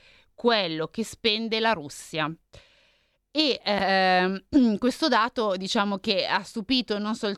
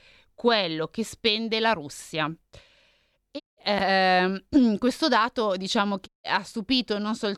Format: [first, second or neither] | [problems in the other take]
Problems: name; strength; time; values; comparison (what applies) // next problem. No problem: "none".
first | audio cutting out; at 3.5 s and at 6 s